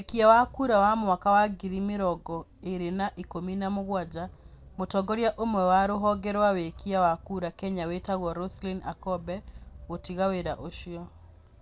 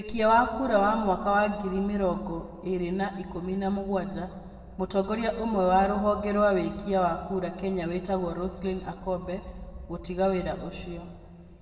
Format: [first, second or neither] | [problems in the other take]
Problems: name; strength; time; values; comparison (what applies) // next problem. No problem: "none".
first | room echo; dies away in 1.5 s